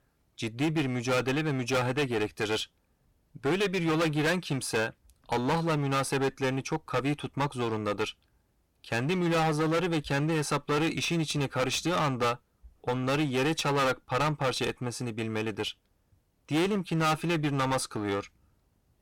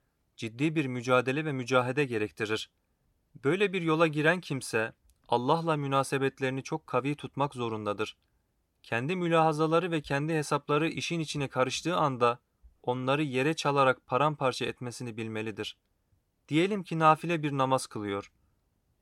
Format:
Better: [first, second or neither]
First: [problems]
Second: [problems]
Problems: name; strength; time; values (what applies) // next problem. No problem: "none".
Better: second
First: distortion; heavy; 16% of the sound clipped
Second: none